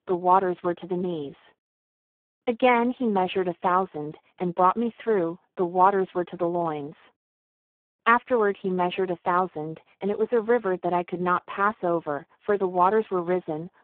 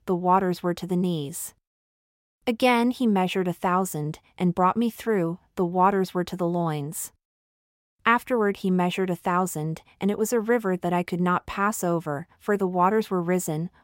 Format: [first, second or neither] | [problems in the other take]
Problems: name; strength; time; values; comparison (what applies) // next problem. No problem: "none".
second | phone-call audio; poor line